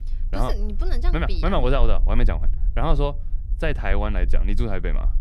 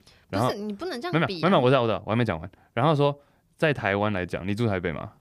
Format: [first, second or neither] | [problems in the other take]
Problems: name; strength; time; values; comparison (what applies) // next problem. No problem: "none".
second | low rumble; faint; throughout; 20 dB below the speech